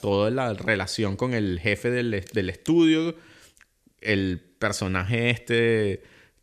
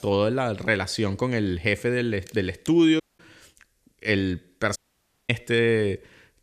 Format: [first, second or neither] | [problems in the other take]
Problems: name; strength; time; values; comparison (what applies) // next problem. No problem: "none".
first | audio cutting out; at 3 s and at 5 s for 0.5 s